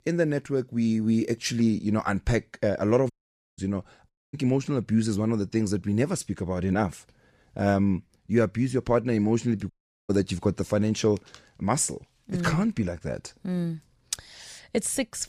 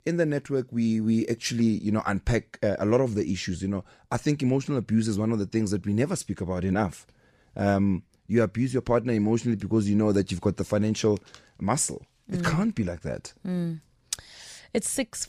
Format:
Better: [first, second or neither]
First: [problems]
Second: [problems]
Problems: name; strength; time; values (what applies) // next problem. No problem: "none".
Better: second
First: audio cutting out; at 3 s, at 4 s and at 9.5 s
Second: none